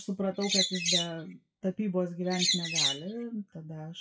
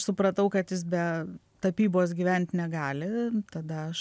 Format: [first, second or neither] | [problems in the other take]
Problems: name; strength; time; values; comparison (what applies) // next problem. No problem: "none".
second | noise reduction (classical method WPE with log-MMSE)